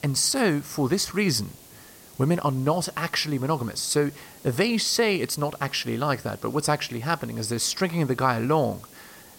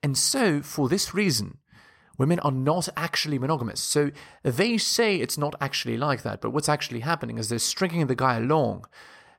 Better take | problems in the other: second | hiss; faint; throughout; 20 dB below the speech

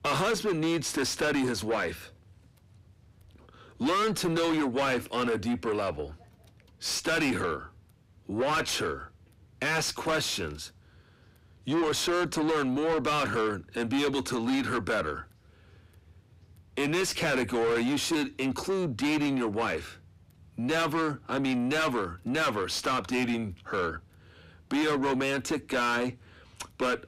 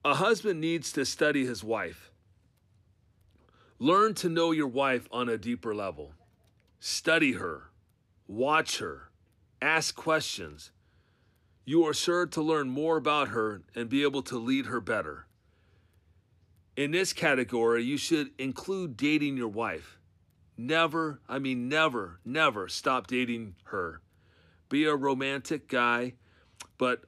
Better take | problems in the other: second | distortion; heavy; 5 dB below the speech

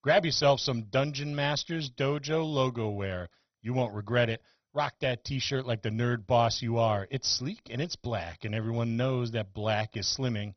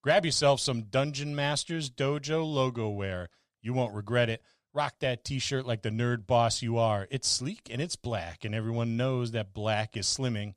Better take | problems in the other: second | garbled, watery; badly; nothing above 6 kHz

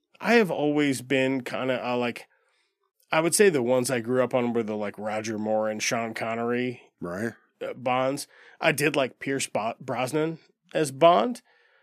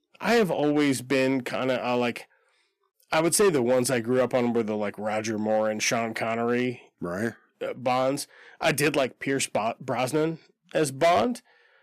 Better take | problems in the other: first | distortion; slight; 4% of the sound clipped

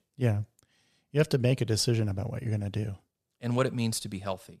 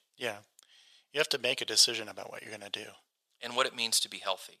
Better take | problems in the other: first | thin; very; fading below 750 Hz

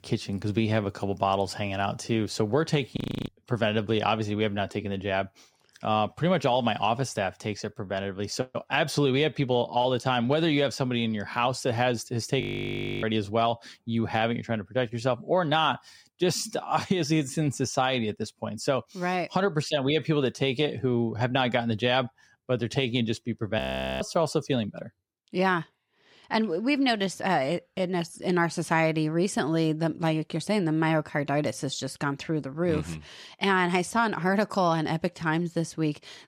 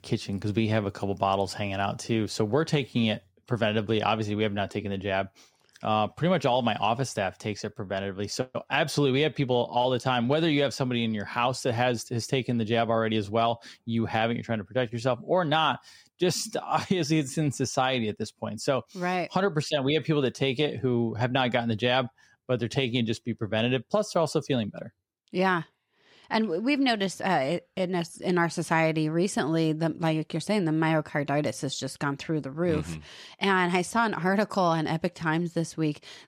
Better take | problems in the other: second | audio freezing; at 3 s, at 12 s for 0.5 s and at 24 s

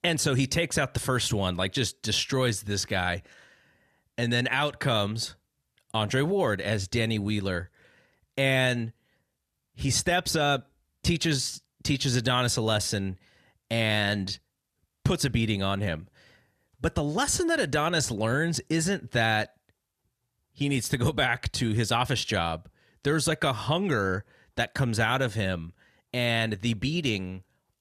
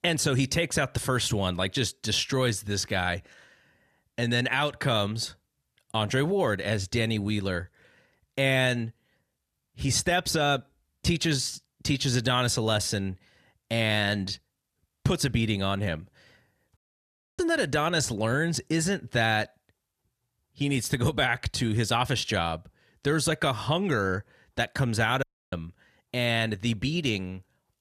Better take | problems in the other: first | audio cutting out; at 17 s for 0.5 s and at 25 s

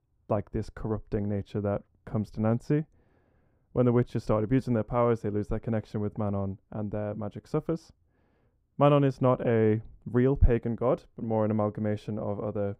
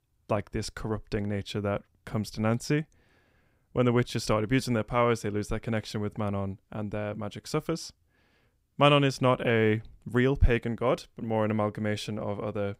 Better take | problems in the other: second | muffled; very; fading above 1.5 kHz

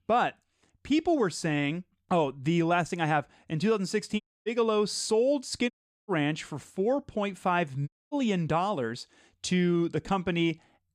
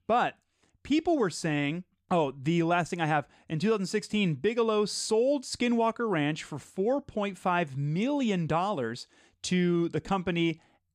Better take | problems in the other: second | audio cutting out; at 4 s, at 5.5 s and at 8 s

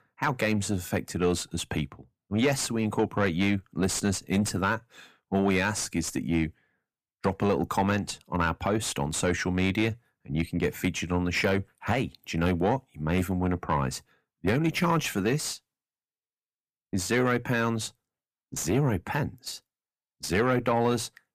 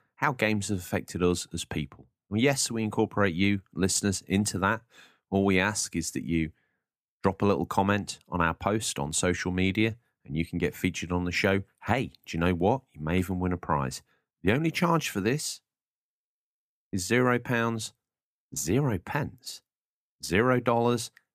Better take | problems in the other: second | distortion; slight; 10 dB below the speech

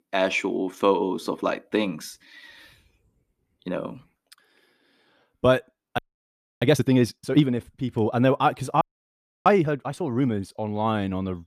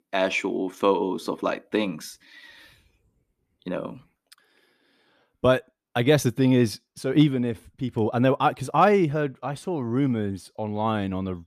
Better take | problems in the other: second | audio freezing; at 6 s for 0.5 s and at 9 s for 0.5 s

